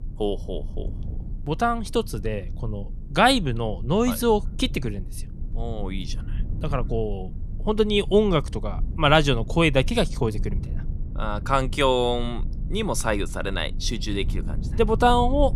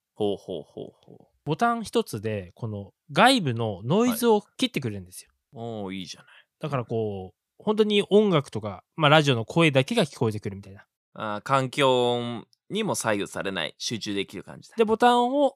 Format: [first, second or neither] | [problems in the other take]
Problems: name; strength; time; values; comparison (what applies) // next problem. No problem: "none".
second | low rumble; faint; throughout; 25 dB below the speech